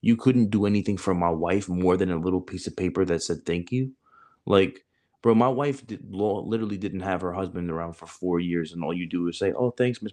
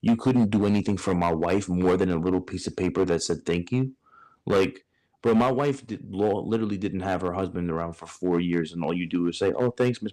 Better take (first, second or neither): first